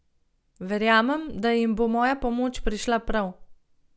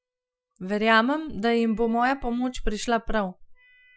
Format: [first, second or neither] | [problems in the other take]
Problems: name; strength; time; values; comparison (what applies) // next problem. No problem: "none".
first | noise reduction (classical method Wiener filter)